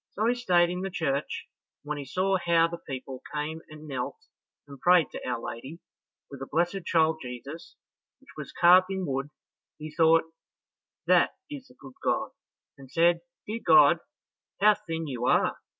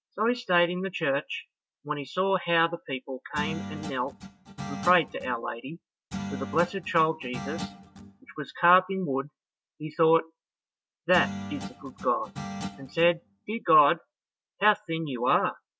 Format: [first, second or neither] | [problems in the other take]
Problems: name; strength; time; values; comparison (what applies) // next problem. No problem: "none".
first | background sound (Guitar); 10 dB below the speech